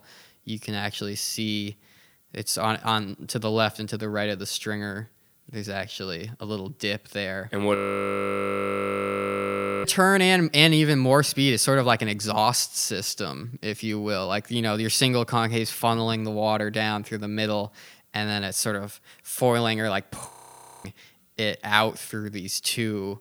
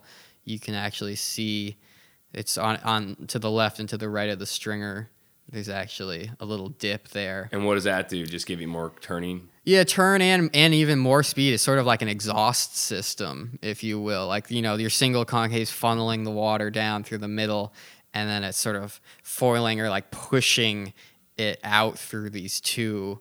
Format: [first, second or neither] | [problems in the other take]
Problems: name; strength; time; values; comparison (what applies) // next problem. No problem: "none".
second | audio freezing; at 8 s for 2 s and at 20 s for 0.5 s